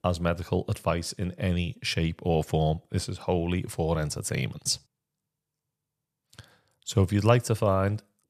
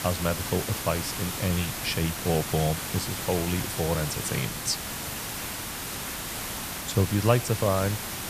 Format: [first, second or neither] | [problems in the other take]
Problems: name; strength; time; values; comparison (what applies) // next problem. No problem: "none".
first | hiss; loud; throughout; 4 dB below the speech